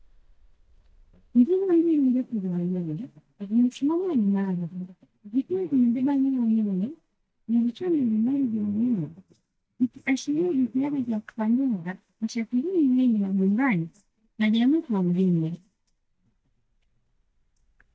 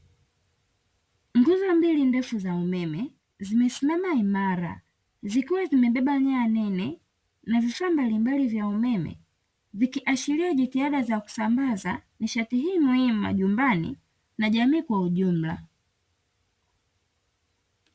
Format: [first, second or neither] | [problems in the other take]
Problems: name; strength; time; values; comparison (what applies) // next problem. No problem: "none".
second | noise reduction (neural mask model DeepFilterNet 3)